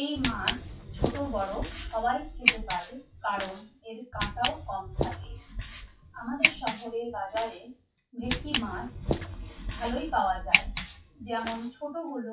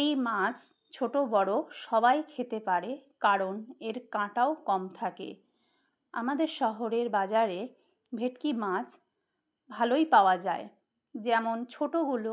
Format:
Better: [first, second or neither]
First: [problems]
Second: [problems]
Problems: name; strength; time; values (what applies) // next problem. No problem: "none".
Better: second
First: noise reduction (classical method WPE with log-MMSE)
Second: none